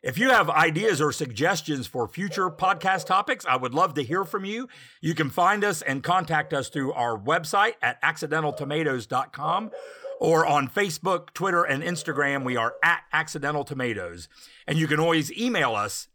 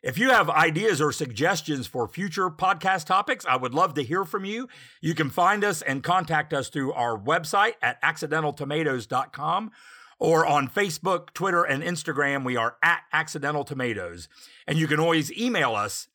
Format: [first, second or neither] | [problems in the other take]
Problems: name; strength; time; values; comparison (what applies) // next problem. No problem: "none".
second | animal sounds; noticeable; throughout; 20 dB below the speech